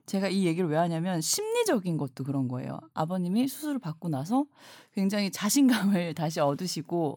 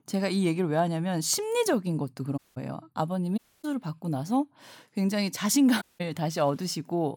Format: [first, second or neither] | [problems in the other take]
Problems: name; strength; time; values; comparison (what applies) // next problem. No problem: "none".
first | audio cutting out; at 2.5 s, at 3.5 s and at 6 s